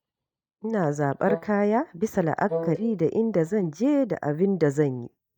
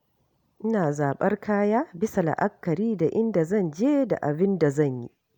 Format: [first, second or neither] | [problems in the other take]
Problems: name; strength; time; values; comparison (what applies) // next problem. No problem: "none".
second | noise reduction (neural mask model DeepFilterNet 3)